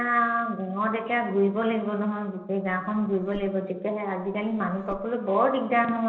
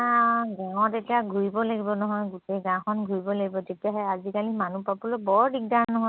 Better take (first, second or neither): second